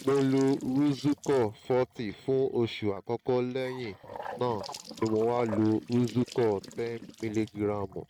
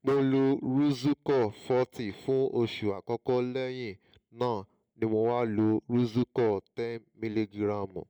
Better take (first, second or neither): second